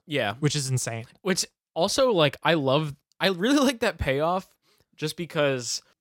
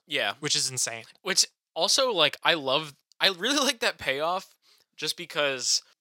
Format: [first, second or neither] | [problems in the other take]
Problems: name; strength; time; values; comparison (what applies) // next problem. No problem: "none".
first | thin; somewhat; fading below 850 Hz